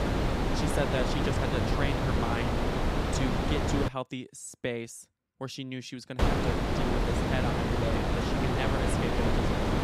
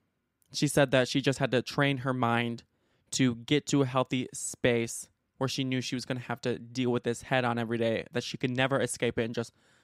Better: second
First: wind noise on the microphone; heavy; until 4 s and from 6 s on; 5 dB above the speech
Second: none

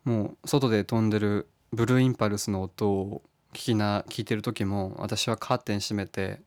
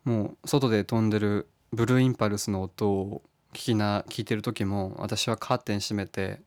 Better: neither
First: none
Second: none

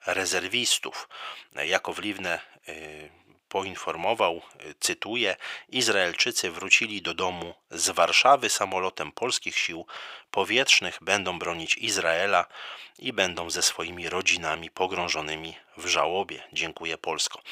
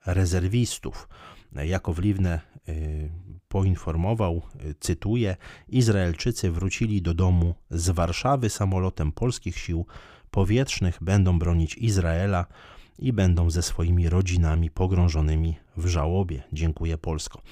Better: second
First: thin; very; fading below 650 Hz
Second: none

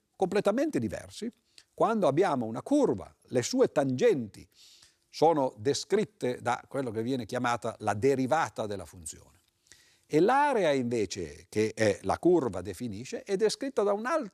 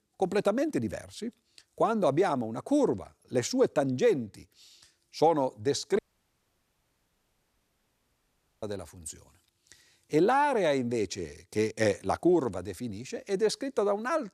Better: first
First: none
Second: audio cutting out; at 6 s for 2.5 s

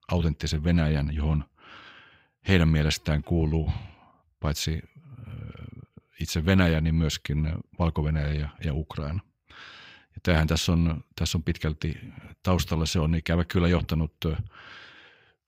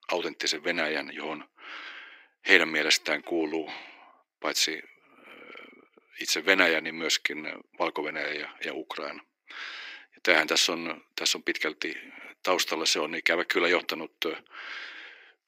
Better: first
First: none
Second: thin; very; fading below 300 Hz

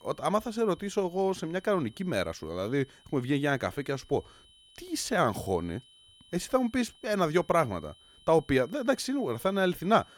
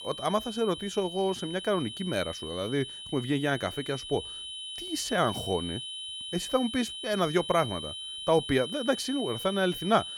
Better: first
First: high-pitched whine; faint; throughout; 3 kHz, 25 dB below the speech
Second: high-pitched whine; loud; throughout; 3 kHz, 7 dB below the speech

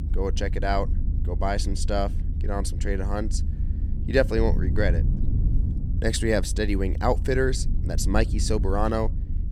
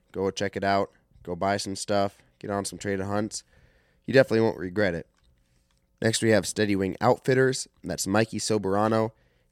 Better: second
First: low rumble; noticeable; throughout; 15 dB below the speech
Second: none

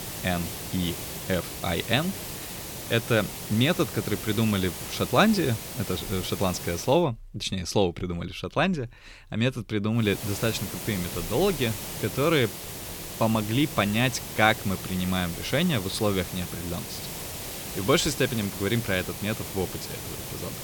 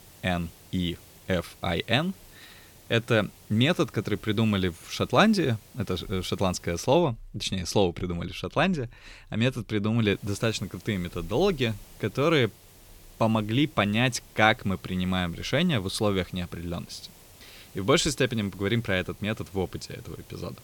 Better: second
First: hiss; loud; until 7 s and from 10 s on; 8 dB below the speech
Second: hiss; faint; until 7 s and from 10 s on; 25 dB below the speech

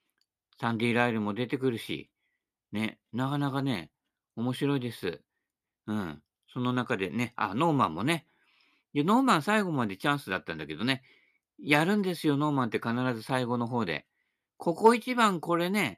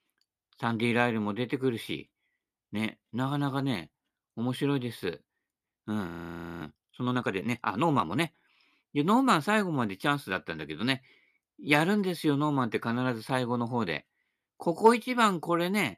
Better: first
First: none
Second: audio freezing; at 6 s for 0.5 s

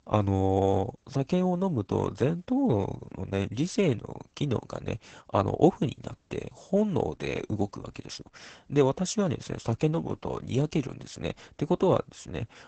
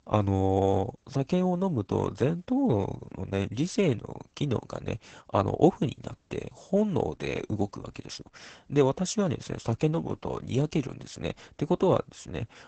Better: neither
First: garbled, watery; badly; nothing above 8 kHz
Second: garbled, watery; badly; nothing above 8 kHz

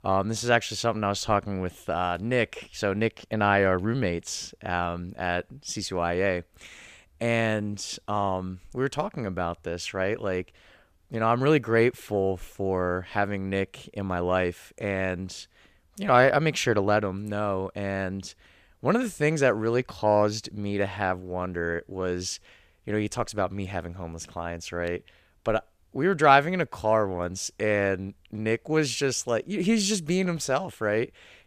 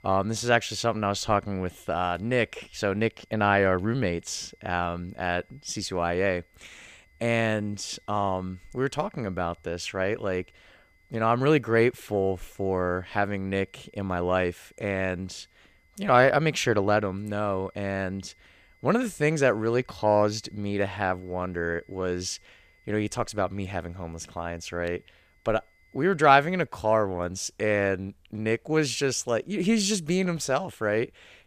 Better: first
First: none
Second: high-pitched whine; faint; until 27 s; 2 kHz, 35 dB below the speech

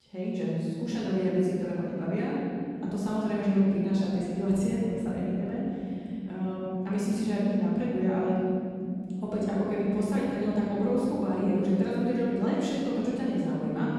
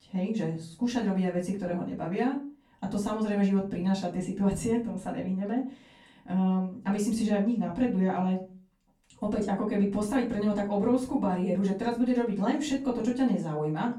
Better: second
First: room echo; strong; dies away in 3 s // off-mic speech; far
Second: room echo; slight; dies away in 0.3 s // off-mic speech; far

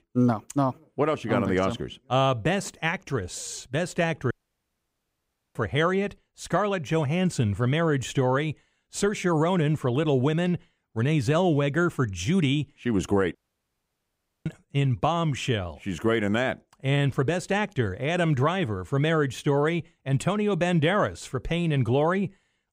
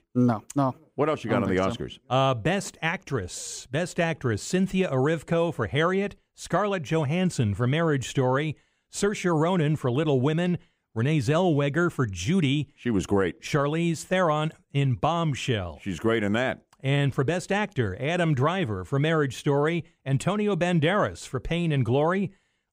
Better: second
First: audio cutting out; at 4.5 s for 1 s and at 13 s for 1 s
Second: none

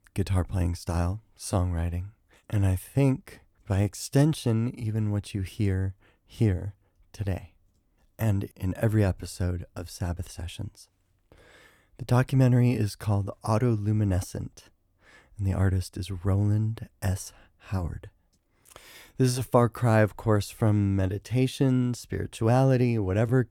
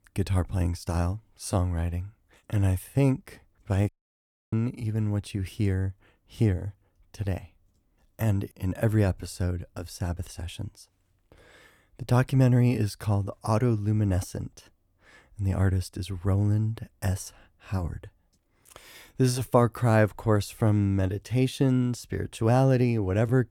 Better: first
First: none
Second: audio cutting out; at 4 s for 0.5 s

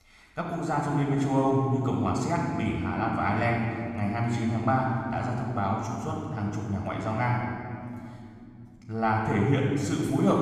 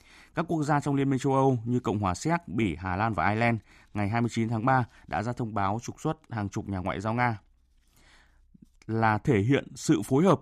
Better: second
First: off-mic speech; far // room echo; noticeable; dies away in 2.1 s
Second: none

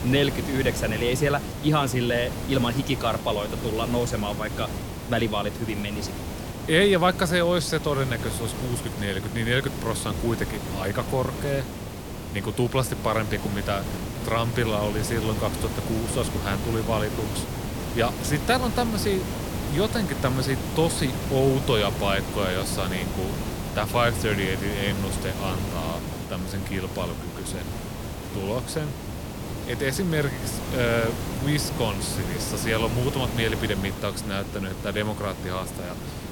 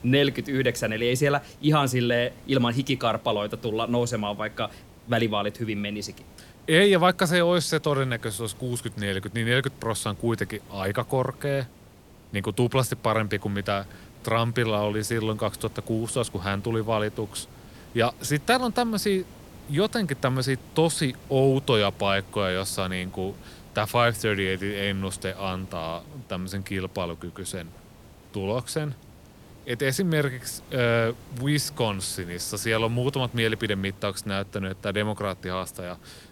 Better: second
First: hiss; loud; throughout; 5 dB below the speech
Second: hiss; faint; throughout; 20 dB below the speech

